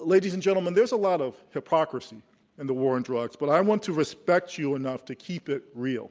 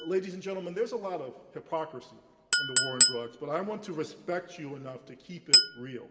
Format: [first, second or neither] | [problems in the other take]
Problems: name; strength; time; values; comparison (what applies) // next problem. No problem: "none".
first | background sound (Chink, clink); 5 dB above the speech // room echo; dies away in 1.9 s